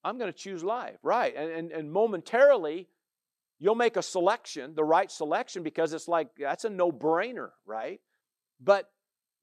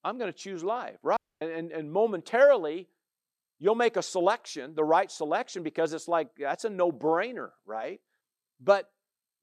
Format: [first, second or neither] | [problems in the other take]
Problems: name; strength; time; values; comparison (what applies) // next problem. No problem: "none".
first | audio cutting out; at 1 s